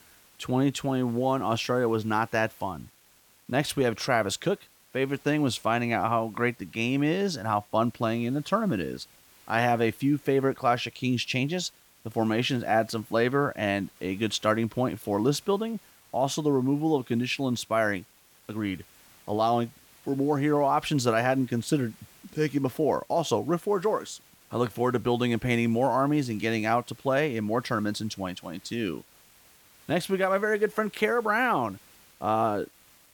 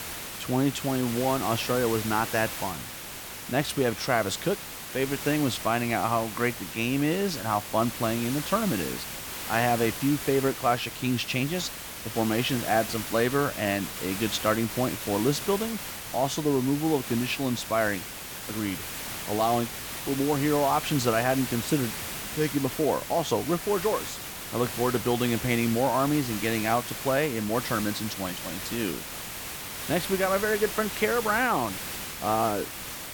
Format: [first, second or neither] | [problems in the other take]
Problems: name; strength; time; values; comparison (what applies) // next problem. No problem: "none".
first | hiss; loud; throughout; 7 dB below the speech; faint in the first